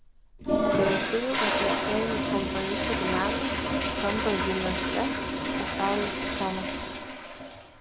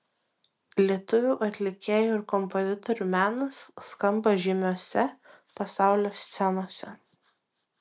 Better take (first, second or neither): second